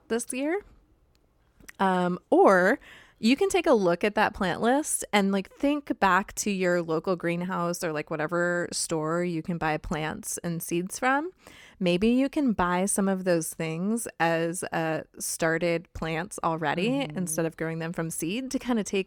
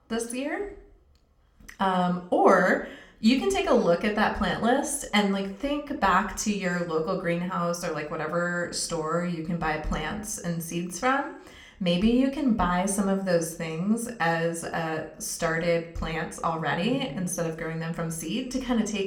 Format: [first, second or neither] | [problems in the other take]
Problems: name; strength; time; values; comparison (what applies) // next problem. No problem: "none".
first | room echo; very slight; dies away in 0.4 s